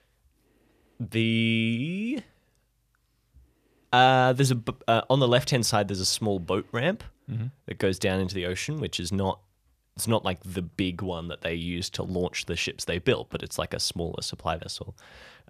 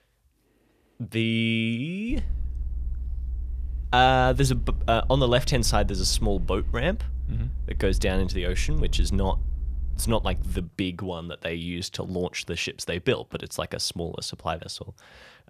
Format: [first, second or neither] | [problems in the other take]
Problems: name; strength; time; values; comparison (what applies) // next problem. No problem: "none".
first | low rumble; faint; from 2 to 11 s; 25 dB below the speech